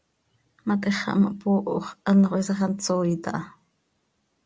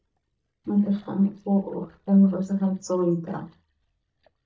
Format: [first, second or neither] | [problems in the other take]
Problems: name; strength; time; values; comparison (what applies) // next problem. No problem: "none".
first | noise reduction (neural mask model DeepFilterNet 3)